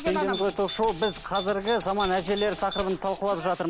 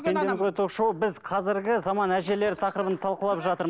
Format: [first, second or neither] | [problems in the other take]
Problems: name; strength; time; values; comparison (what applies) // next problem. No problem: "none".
second | background sound (Rattle (instrument) + Doorbell); 12 dB below the speech